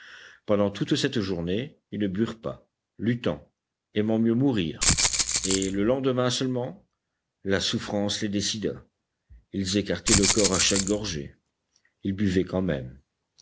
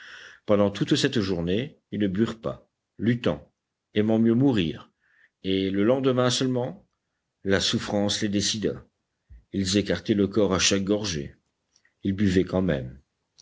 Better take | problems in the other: second | background sound (Rattle (instrument)); 3 dB above the speech

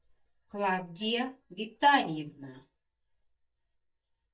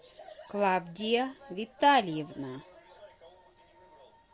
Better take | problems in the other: second | noise reduction (neural mask model DeepFilterNet 3)

